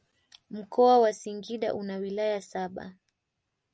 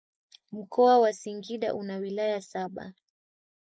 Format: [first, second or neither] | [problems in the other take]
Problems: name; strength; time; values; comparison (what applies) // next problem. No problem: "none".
first | noise reduction (neural mask model Resemble Enhance denoiser)